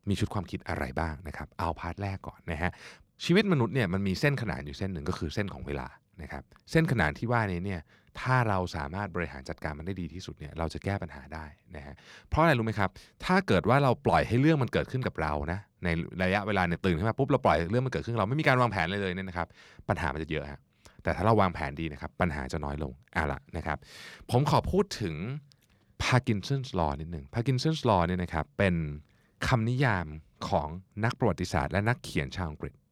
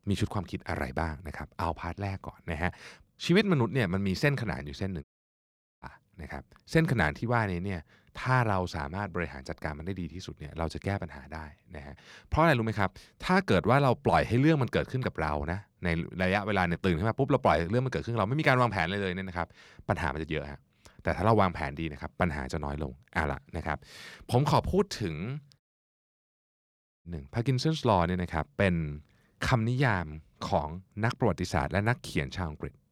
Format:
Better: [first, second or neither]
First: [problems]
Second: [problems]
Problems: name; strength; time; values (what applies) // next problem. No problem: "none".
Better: first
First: none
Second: audio cutting out; at 5 s for 1 s and at 26 s for 1.5 s